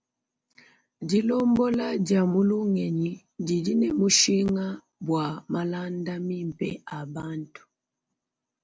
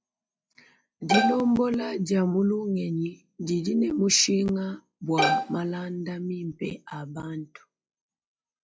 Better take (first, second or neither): first